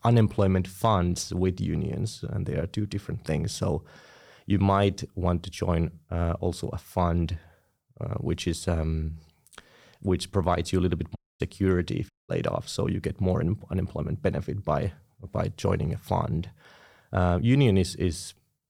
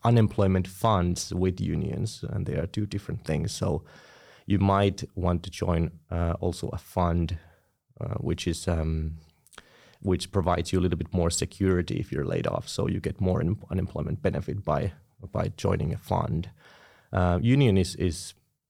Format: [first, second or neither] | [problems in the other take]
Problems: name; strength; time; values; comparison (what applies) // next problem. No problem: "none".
second | audio cutting out; at 11 s and at 12 s